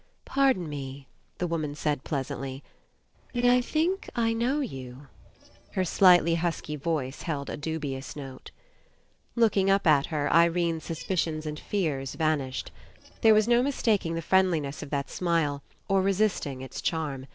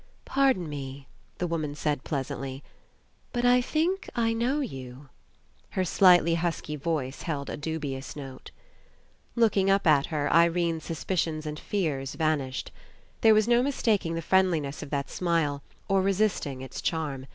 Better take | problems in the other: second | noise reduction (neural separator model SepFormer DNS4)

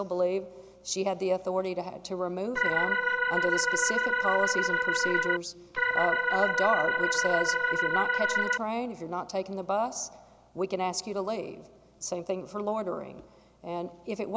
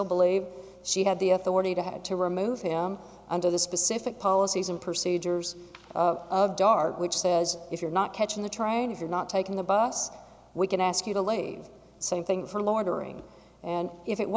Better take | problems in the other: second | background sound (Organ); 5 dB above the speech

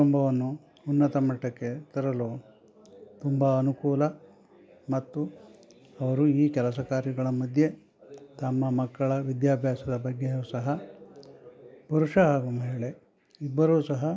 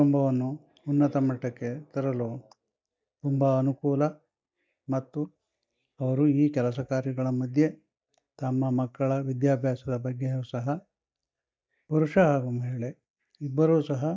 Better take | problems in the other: first | noise reduction (neural mask model DeepFilterNet 3)

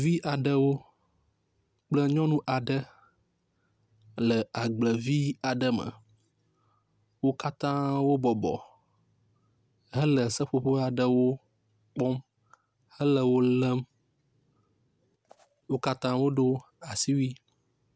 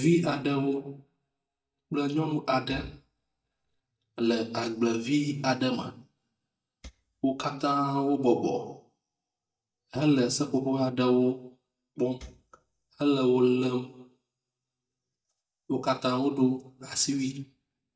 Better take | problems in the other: first | noise reduction (neural mask model DeepFilterNet 3)

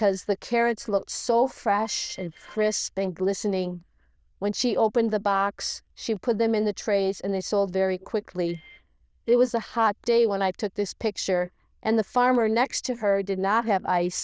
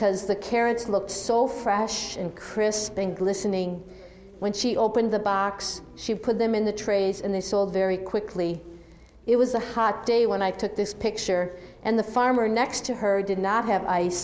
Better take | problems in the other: second | noise reduction (neural diffusion model UNIVERSE++)

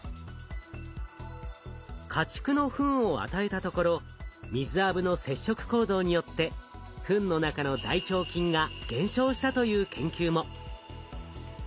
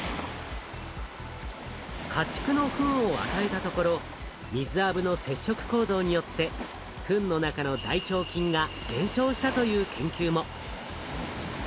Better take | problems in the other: first | background sound (Waves, surf); 9 dB below the speech

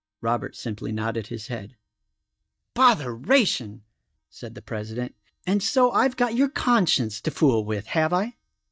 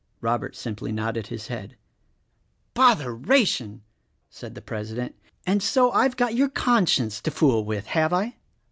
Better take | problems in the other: second | noise reduction (neural mask model DeepFilterNet 3)

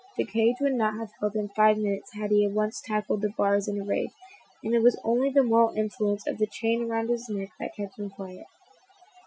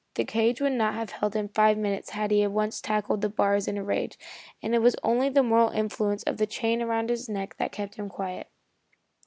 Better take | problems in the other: second | noise reduction (classical method Wiener filter)

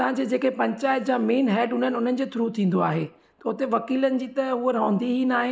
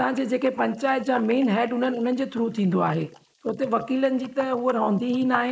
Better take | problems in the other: first | noise reduction (neural mask model Resemble Enhance denoiser)

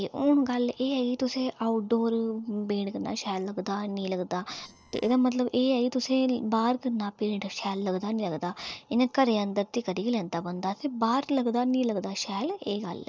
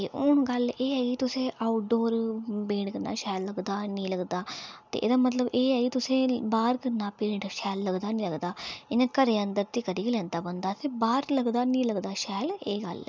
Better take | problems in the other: second | noise reduction (neural separator model SepFormer DNS4)

